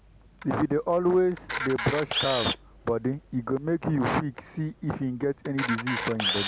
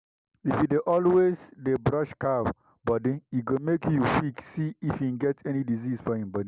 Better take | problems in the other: second | background sound (Camera); 7 dB below the speech

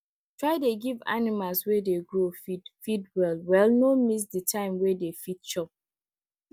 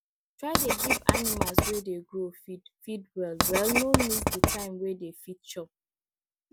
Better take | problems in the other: first | background sound (Writing); 5 dB above the speech

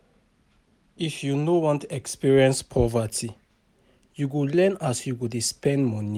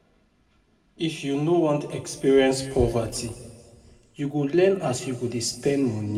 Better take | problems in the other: first | room echo; dies away in 1.5 s

